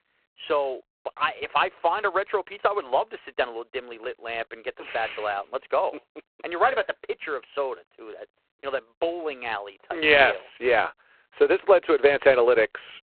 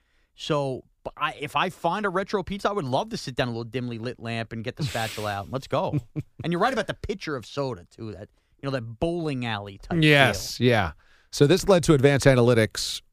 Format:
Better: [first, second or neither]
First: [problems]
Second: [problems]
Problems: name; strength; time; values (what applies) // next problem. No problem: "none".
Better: second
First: phone-call audio; poor line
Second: none